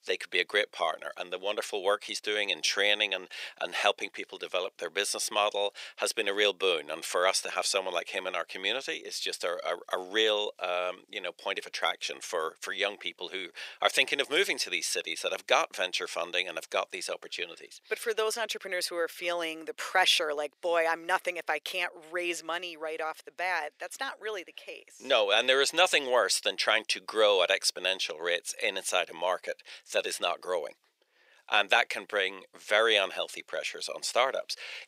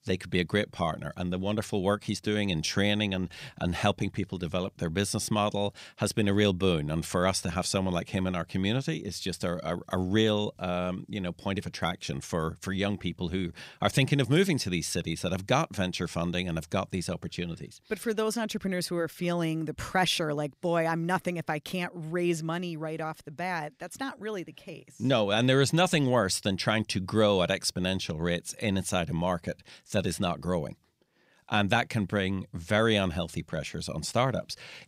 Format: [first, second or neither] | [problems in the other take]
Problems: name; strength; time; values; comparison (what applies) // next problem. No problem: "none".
second | thin; very; fading below 450 Hz